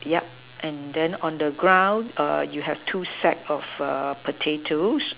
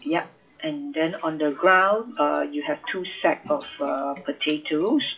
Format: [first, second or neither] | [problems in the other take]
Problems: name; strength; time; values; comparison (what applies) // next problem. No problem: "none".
first | noise reduction (classical method WPE with log-MMSE)